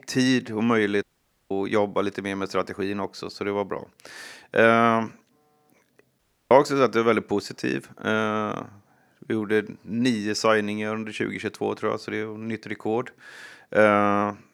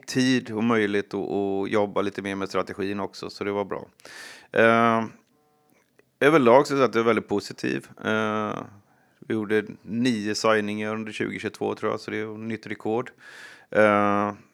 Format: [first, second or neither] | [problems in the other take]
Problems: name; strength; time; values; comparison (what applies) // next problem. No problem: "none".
second | audio cutting out; at 1 s and at 6 s